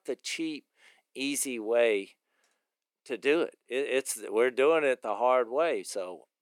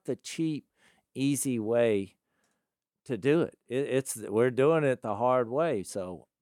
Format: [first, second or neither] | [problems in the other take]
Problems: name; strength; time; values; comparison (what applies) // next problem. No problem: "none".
second | thin; somewhat; fading below 350 Hz